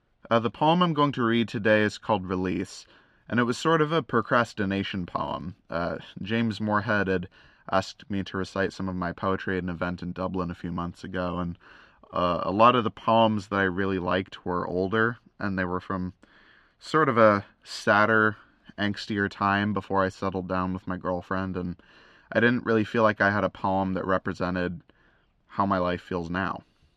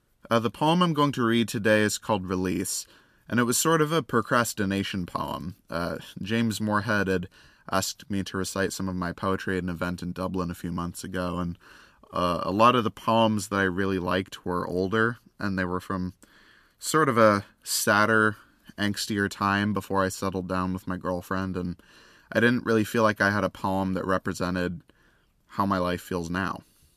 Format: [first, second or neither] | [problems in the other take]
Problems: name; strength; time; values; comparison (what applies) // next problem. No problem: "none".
second | muffled; slightly; fading above 3 kHz